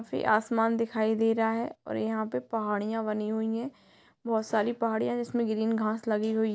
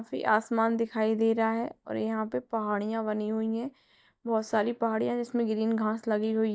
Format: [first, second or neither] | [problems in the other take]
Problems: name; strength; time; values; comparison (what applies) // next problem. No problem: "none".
first | noise reduction (neural mask model DeepFilterNet 3)